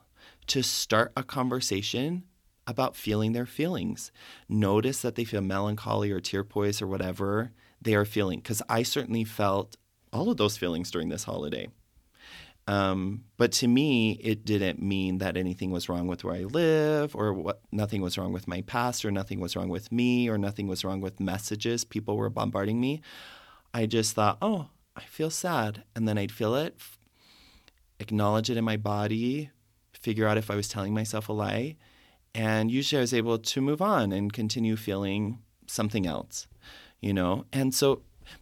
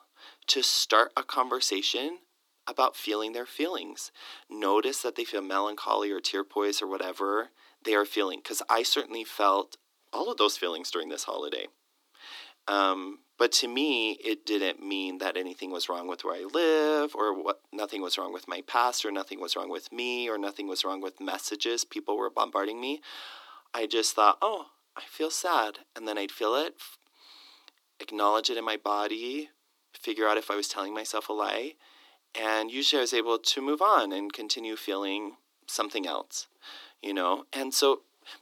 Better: first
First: none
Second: thin; somewhat; fading below 300 Hz

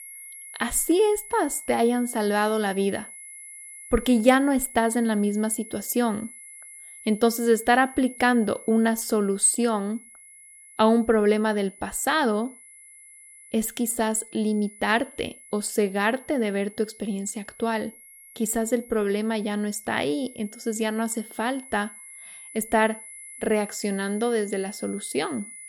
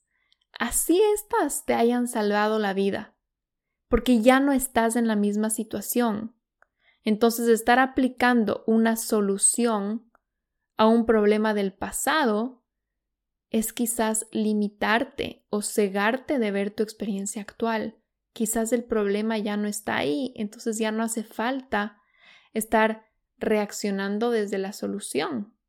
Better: second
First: high-pitched whine; noticeable; throughout; 10 kHz, 15 dB below the speech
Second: none

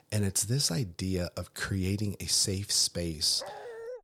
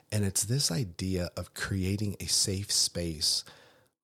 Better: second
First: dog barking; faint; at 3.5 s; peak 15 dB below the speech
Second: none

